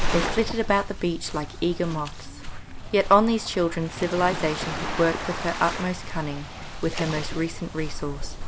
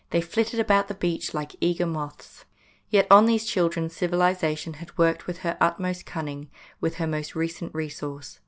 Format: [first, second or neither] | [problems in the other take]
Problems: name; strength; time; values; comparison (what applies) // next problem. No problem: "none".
second | background sound (Waves, surf); 5 dB below the speech